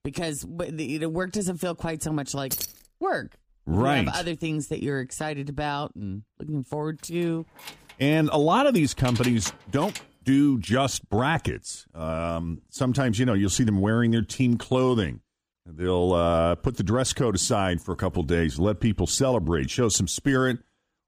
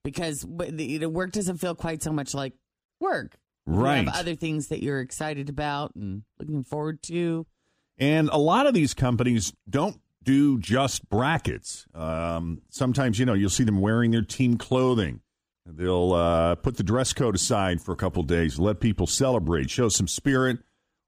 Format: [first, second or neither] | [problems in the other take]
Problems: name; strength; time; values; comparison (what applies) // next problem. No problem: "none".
second | jangling keys; noticeable; at 2.5 s and from 7 to 10 s; peak 4 dB below the speech